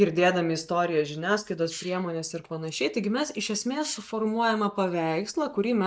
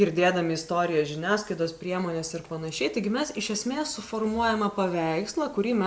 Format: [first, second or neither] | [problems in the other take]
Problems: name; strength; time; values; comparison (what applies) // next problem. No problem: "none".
second | noise reduction (neural mask model DeepFilterNet 3)